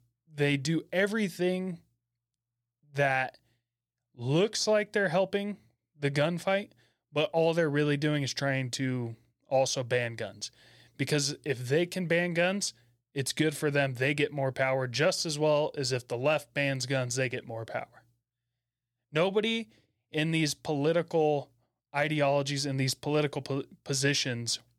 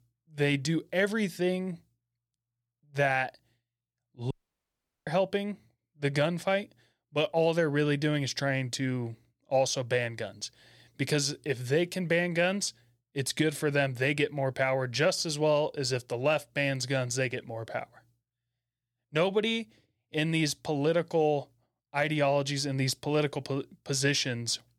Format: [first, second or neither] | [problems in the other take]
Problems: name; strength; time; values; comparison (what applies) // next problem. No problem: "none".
first | audio cutting out; at 4.5 s for 1 s